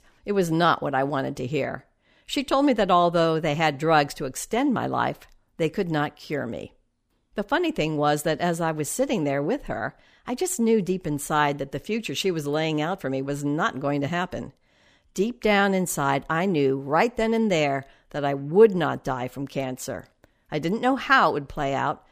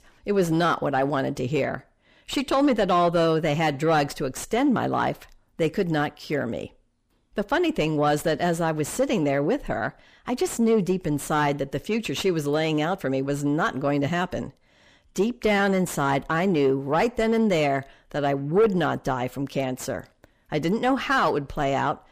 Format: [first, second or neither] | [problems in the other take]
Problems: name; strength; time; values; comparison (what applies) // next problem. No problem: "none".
first | distortion; slight; 10 dB below the speech